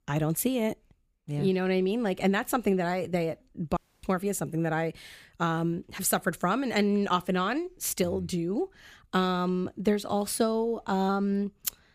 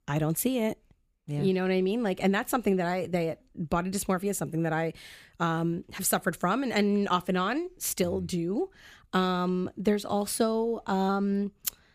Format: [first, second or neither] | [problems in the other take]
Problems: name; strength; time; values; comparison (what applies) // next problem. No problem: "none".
second | audio cutting out; at 4 s